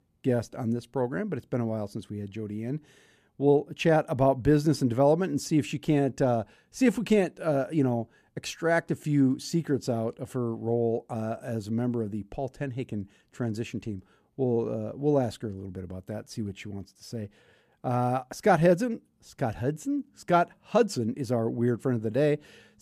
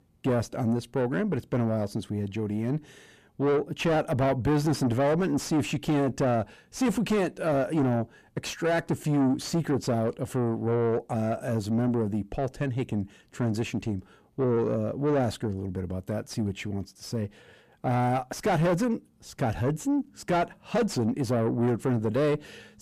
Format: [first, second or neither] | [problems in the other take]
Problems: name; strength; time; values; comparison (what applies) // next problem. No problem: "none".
first | distortion; heavy; 7 dB below the speech